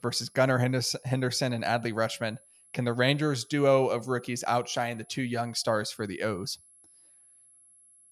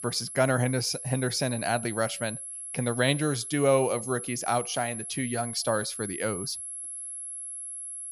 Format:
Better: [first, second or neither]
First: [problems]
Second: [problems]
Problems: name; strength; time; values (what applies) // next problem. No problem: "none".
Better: first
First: high-pitched whine; faint; throughout; 11 kHz, 25 dB below the speech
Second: high-pitched whine; loud; throughout; 11 kHz, 7 dB below the speech